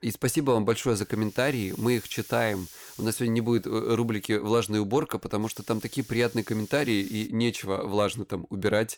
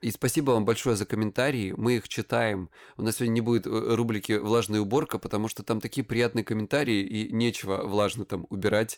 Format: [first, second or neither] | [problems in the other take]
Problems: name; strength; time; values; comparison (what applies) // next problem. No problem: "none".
second | hiss; noticeable; from 1 to 4.5 s and from 5.5 to 7.5 s; 20 dB below the speech